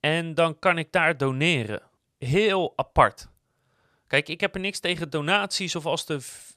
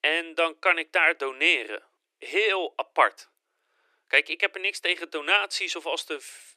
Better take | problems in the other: first | thin; very; fading below 300 Hz

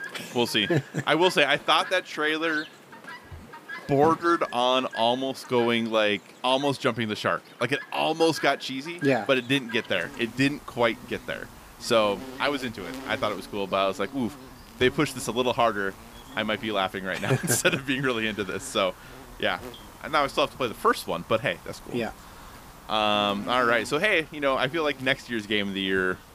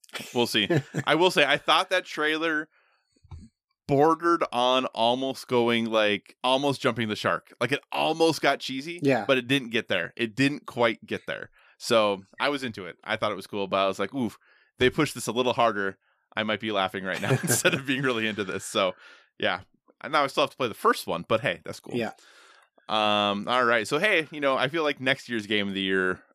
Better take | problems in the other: second | animal sounds; noticeable; throughout; 15 dB below the speech

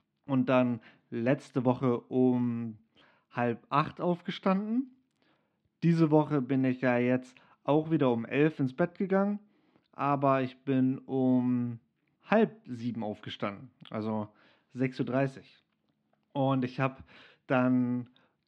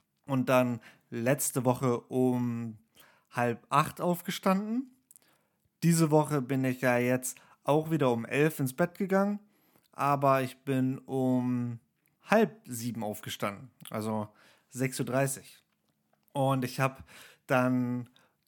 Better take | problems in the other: second | muffled; slightly; fading above 4 kHz

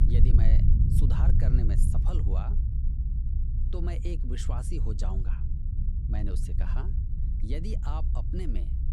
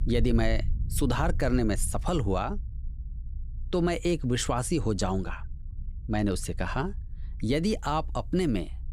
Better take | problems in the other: second | low rumble; loud; throughout; 1 dB below the speech; faint in the second

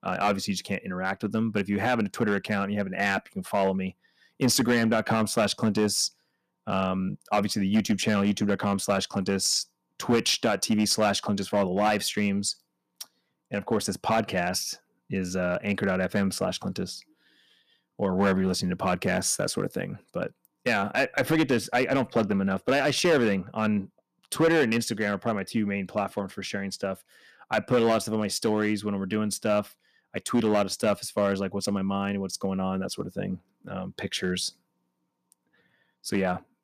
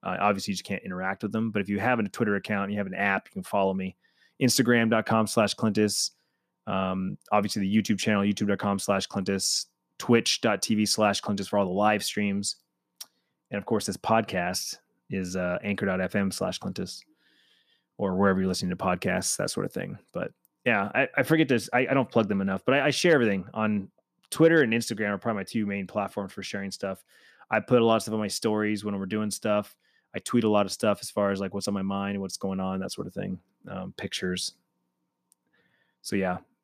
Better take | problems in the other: second | distortion; slight; 3% of the sound clipped

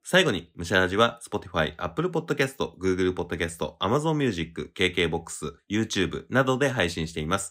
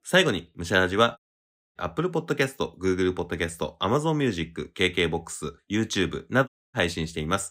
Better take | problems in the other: first | audio cutting out; at 1 s for 0.5 s and at 6.5 s

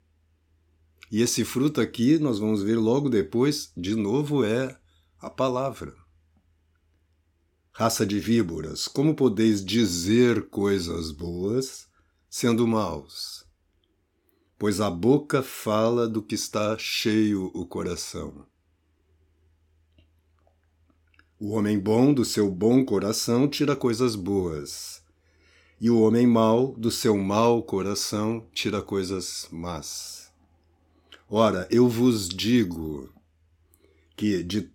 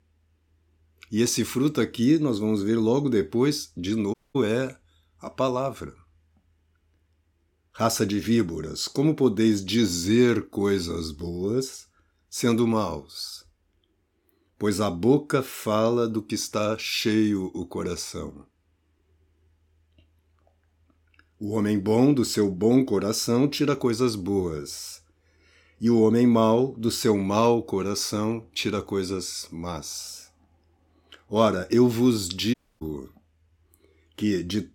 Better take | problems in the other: first | audio cutting out; at 4 s and at 33 s

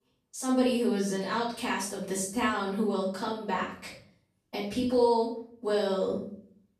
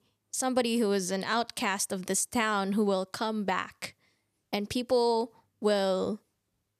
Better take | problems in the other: second | off-mic speech; far // room echo; noticeable; dies away in 0.5 s

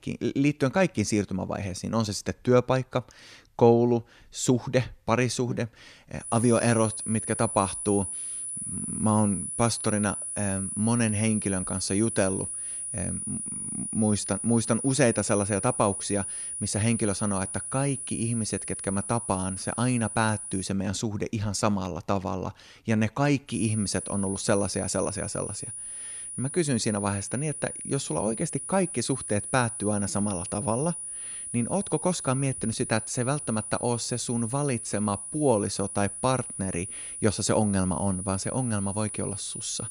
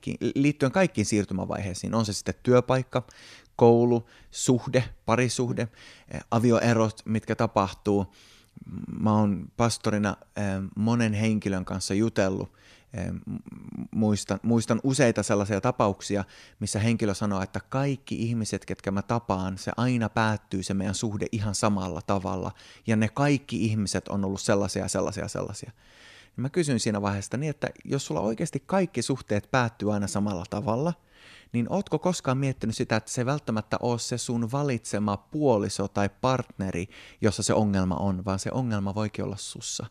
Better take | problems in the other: second | high-pitched whine; loud; from 6 to 21 s and from 24 s on; 9.5 kHz, 5 dB below the speech

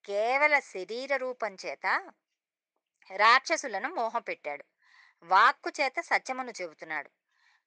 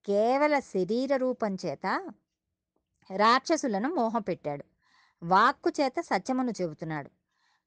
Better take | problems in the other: second | thin; very; fading below 650 Hz

